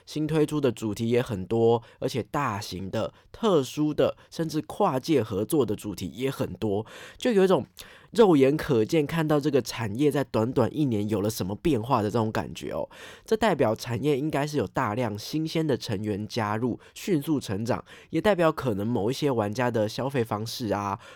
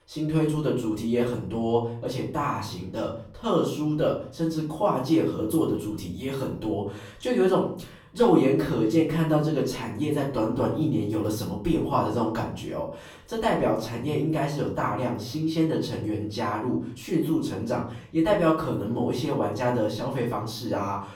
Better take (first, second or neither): first